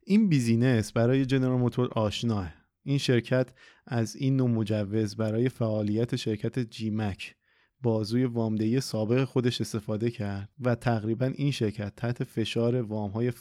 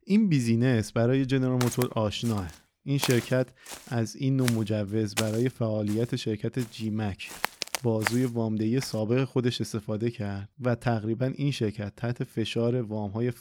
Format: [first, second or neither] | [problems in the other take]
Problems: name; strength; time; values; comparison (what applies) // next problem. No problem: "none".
first | footsteps; noticeable; from 1.5 to 9 s; peak 3 dB below the speech